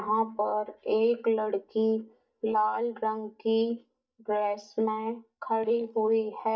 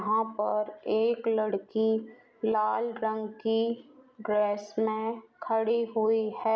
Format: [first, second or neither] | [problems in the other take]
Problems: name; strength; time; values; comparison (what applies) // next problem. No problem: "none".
second | noise reduction (neural mask model DeepFilterNet 3)